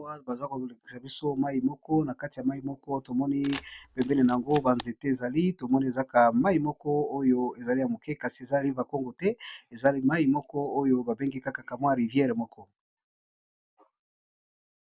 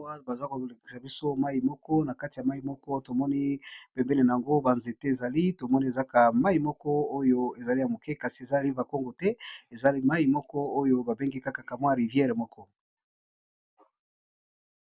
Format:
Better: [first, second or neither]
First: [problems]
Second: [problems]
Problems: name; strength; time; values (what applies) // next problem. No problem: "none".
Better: second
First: background sound (Camera); 16 dB below the speech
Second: none